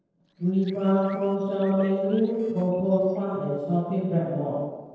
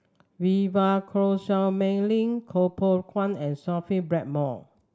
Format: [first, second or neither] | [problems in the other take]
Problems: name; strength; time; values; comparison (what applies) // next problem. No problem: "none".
second | noise reduction (neural separator model SepFormer DNS4)